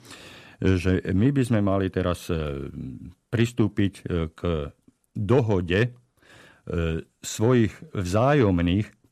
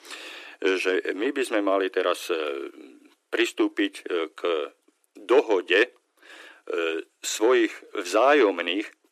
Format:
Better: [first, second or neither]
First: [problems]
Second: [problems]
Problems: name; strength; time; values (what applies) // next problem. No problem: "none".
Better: first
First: none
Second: thin; very; fading below 300 Hz